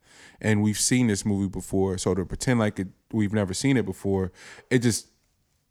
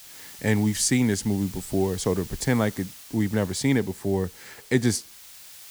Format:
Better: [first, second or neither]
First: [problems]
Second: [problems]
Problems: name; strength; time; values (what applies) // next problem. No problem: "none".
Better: first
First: none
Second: hiss; noticeable; throughout; 15 dB below the speech